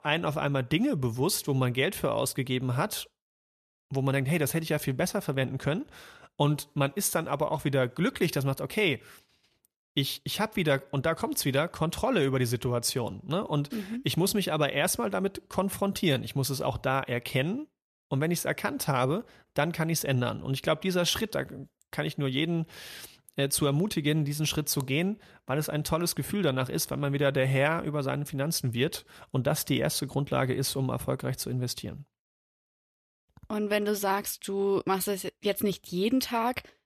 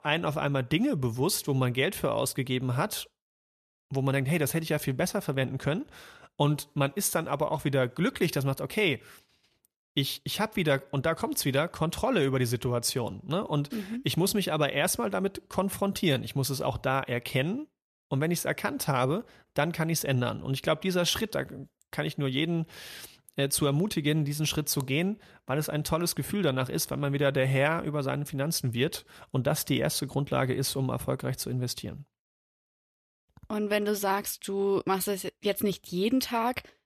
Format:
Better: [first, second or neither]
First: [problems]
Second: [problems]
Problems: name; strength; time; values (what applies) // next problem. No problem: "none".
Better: neither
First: none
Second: none